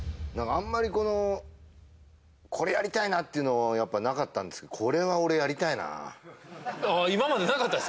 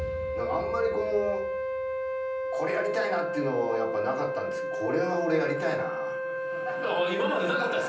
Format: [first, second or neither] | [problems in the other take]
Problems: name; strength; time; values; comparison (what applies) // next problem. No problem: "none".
first | background sound (Wind instrument, woodwind instrument); 1 dB below the speech // room echo; dies away in 0.6 s